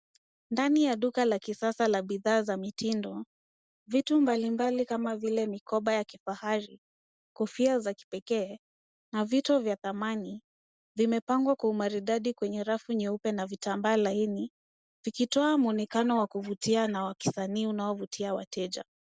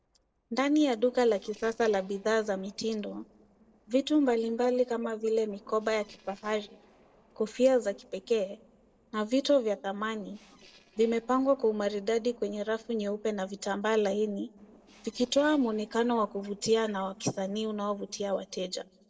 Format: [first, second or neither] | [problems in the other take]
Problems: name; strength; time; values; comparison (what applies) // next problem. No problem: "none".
first | noise reduction (neural separator model SepFormer DNS4)